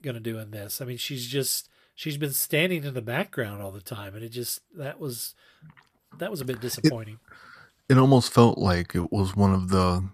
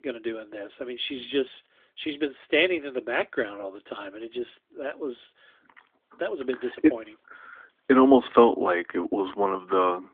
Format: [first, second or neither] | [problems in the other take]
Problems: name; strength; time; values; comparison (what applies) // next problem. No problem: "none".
first | phone-call audio; nothing above 3.5 kHz